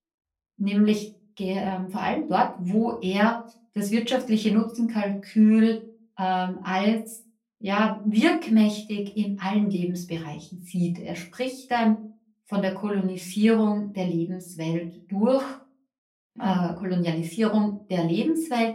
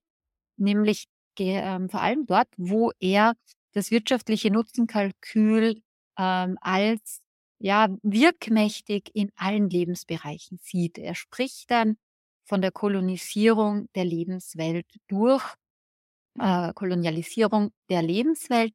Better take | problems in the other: second | off-mic speech; far // room echo; very slight; dies away in 0.3 s

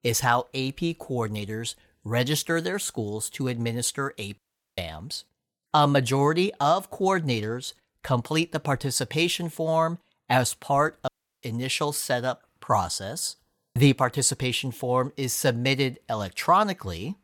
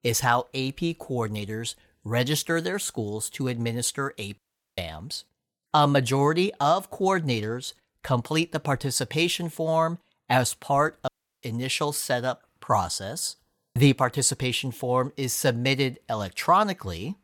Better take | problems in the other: neither | audio cutting out; at 4.5 s and at 11 s; the same in both

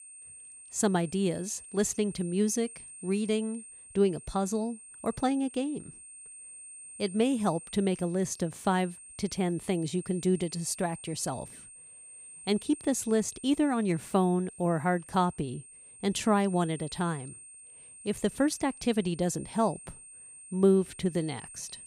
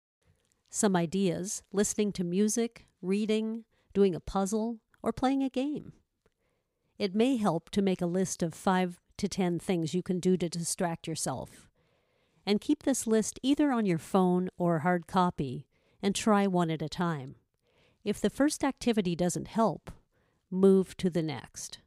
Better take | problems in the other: second | high-pitched whine; noticeable; throughout; 8.5 kHz, 15 dB below the speech

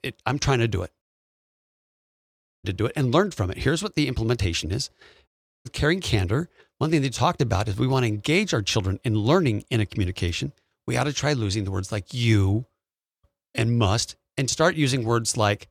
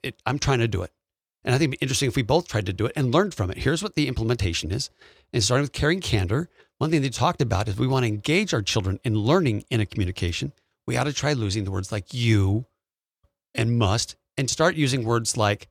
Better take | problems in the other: second | audio cutting out; at 1 s for 1.5 s and at 5.5 s

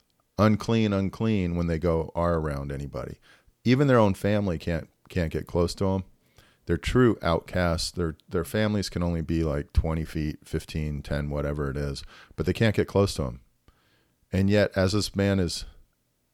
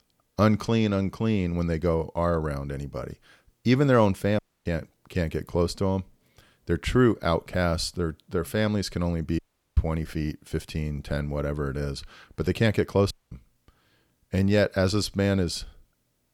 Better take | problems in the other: first | audio cutting out; at 4.5 s, at 9.5 s and at 13 s

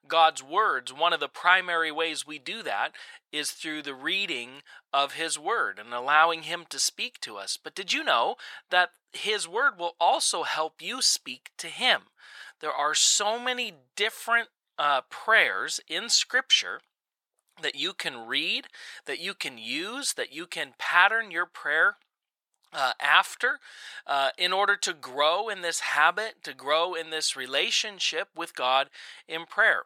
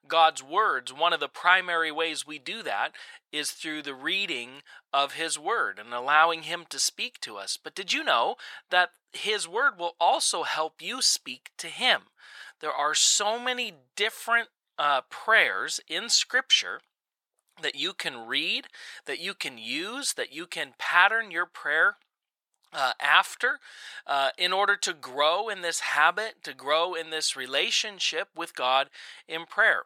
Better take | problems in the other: neither | thin; very; fading below 950 Hz; the same in both

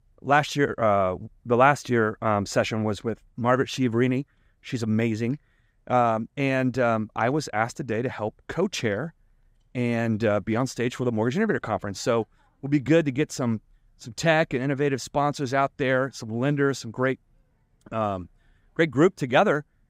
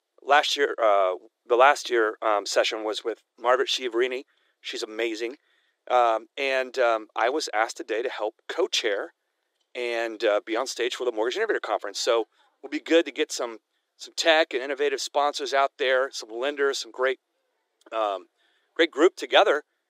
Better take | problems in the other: first | thin; very; fading below 350 Hz

